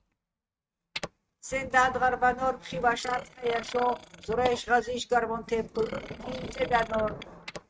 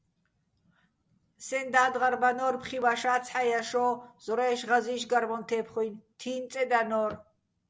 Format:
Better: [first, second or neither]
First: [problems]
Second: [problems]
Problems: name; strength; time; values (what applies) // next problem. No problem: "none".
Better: second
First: noise reduction (neural mask model RNNoise)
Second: none